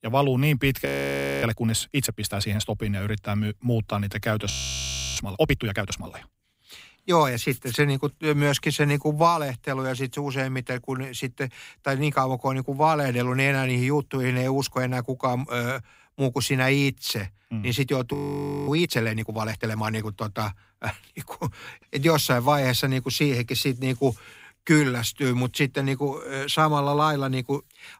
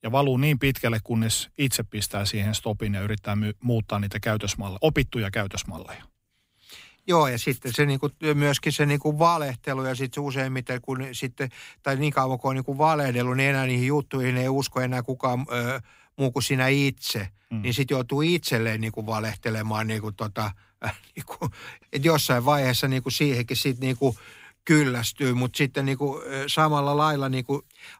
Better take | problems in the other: second | audio freezing; at 1 s for 0.5 s, at 4.5 s for 0.5 s and at 18 s for 0.5 s

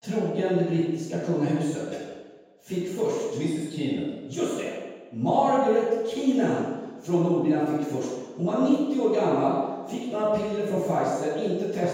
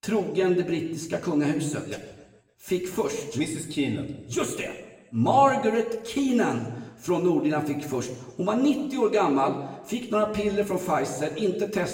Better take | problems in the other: second | room echo; strong; dies away in 1.2 s; slight in the second // off-mic speech; far; somewhat distant in the second

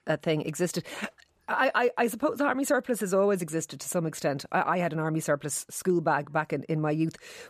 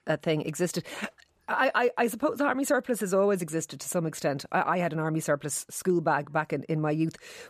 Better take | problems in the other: neither | none

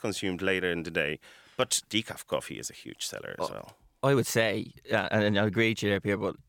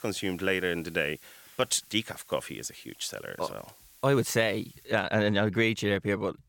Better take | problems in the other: first | hiss; faint; until 5 s; 25 dB below the speech

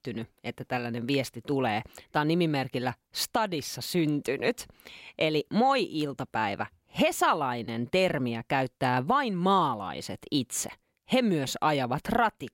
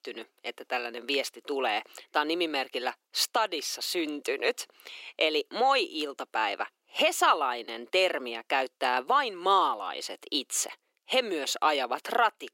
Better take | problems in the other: first | thin; somewhat; fading below 350 Hz

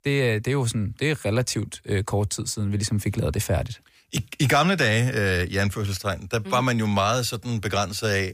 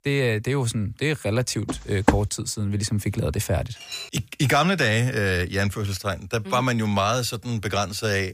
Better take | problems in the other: first | footsteps; loud; at 1.5 s; peak 1 dB above the speech // clattering dishes; noticeable; at 4 s; peak 9 dB below the speech

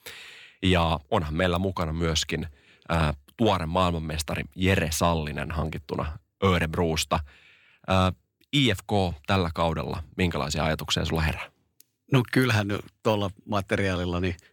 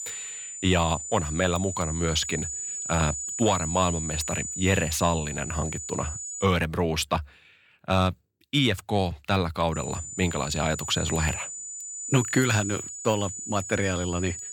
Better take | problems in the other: first | high-pitched whine; loud; until 6.5 s and from 9.5 s on; 7 kHz, 6 dB below the speech

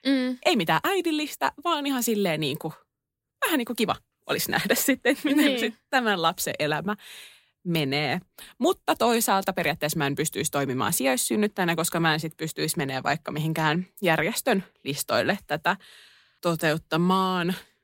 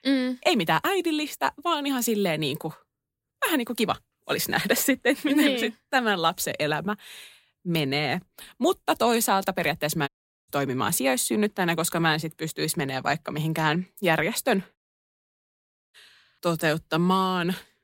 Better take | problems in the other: first | audio cutting out; at 10 s and at 15 s for 1 s

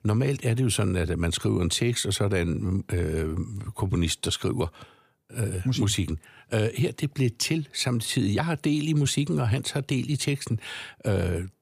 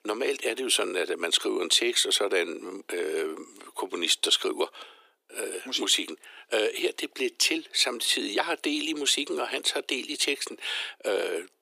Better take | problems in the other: first | thin; very; fading below 350 Hz

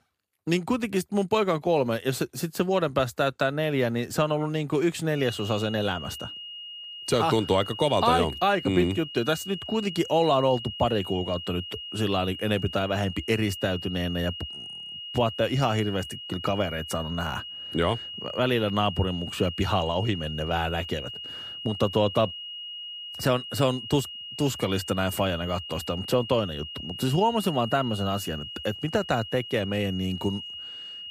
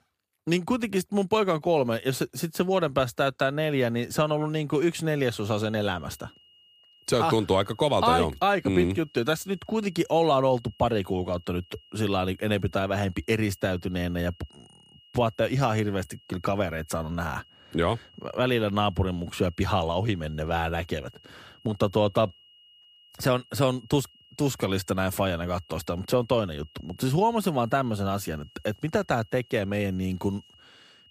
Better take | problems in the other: second | high-pitched whine; loud; from 5 s on; 3 kHz, 9 dB below the speech; faint in the second

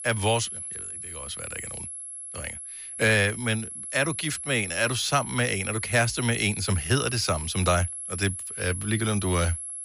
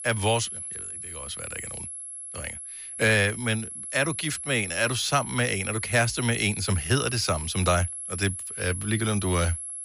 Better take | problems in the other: neither | high-pitched whine; loud; throughout; 11 kHz, 8 dB below the speech; the same in both

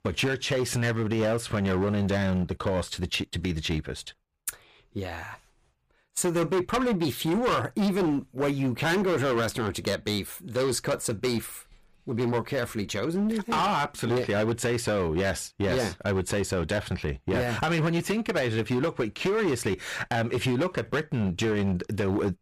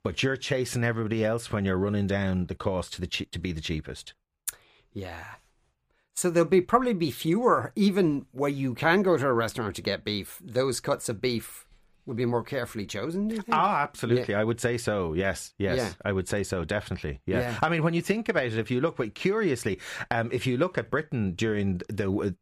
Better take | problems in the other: second | distortion; heavy; 15% of the sound clipped

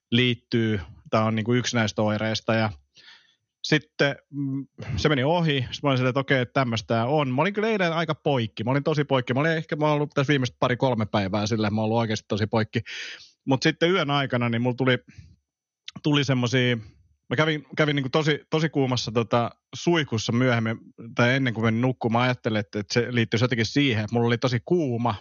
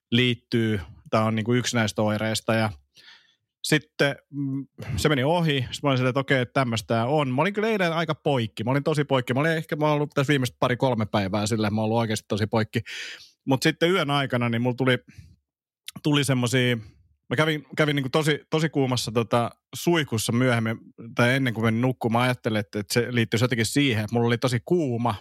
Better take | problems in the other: second | garbled, watery; slightly; nothing above 6.5 kHz

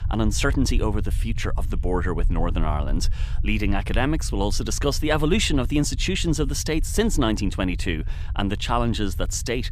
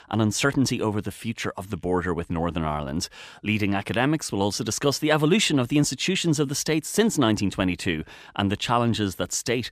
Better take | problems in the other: second | low rumble; faint; throughout; 20 dB below the speech

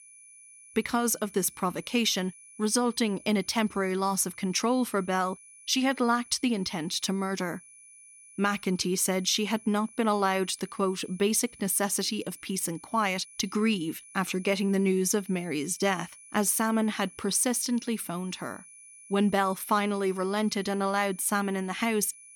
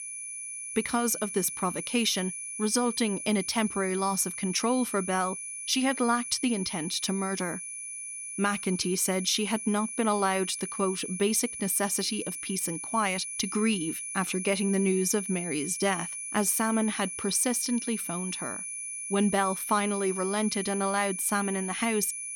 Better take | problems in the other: first | high-pitched whine; loud; throughout; 10 kHz, 6 dB below the speech; faint in the first

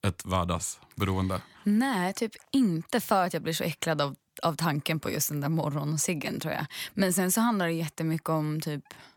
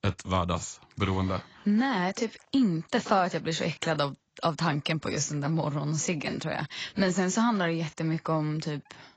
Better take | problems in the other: first | garbled, watery; badly; nothing above 7.5 kHz

